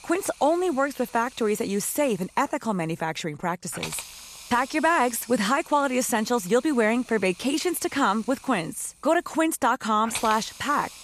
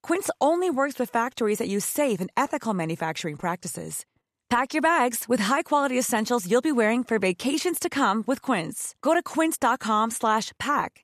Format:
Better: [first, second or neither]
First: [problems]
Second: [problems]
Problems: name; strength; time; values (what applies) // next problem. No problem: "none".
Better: second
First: hiss; noticeable; throughout; 15 dB below the speech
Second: none